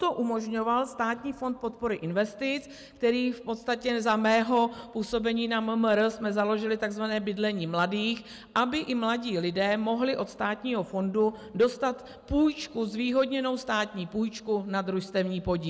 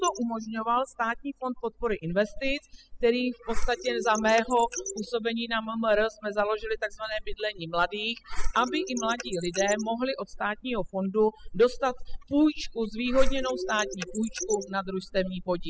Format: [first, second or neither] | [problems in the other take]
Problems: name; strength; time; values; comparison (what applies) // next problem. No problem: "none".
first | noise reduction (classical method spectral subtraction)